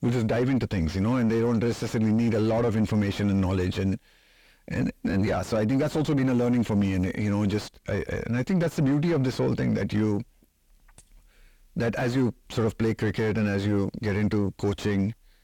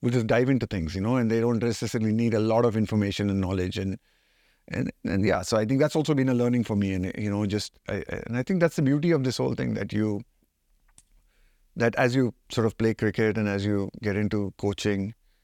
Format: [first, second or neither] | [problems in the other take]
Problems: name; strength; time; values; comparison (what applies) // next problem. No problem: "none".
second | distortion; heavy; 7 dB below the speech